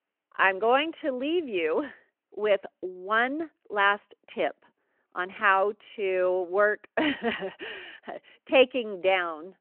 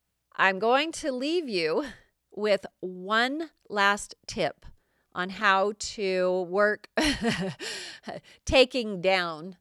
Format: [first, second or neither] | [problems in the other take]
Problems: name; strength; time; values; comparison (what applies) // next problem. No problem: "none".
second | phone-call audio